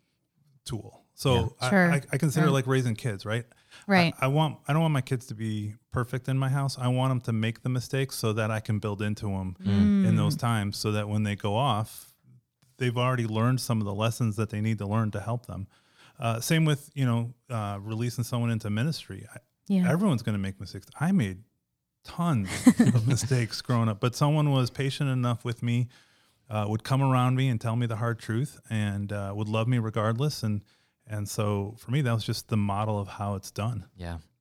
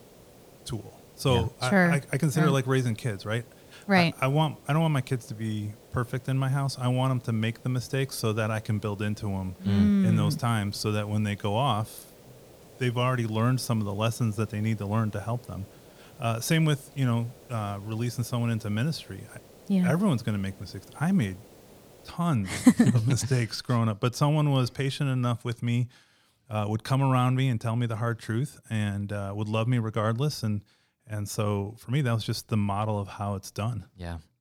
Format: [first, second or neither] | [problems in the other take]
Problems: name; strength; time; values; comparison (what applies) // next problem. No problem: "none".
first | hiss; faint; until 22 s; 25 dB below the speech